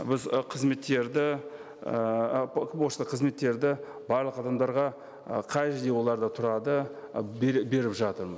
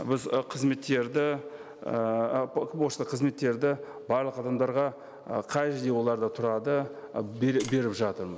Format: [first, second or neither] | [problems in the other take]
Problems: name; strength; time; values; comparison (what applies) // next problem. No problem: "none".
first | background sound (Tap); 15 dB below the speech